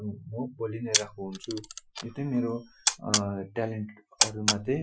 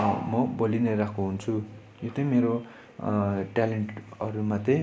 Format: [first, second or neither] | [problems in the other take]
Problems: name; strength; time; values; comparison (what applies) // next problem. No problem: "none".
second | noise reduction (classical method Wiener filter)